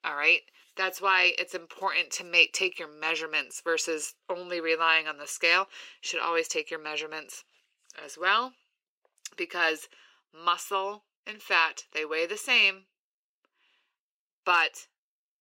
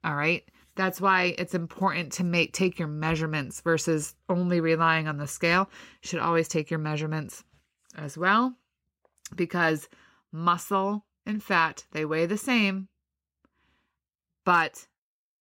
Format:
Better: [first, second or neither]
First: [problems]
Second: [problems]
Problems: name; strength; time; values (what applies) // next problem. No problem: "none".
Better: second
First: thin; very; fading below 400 Hz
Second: none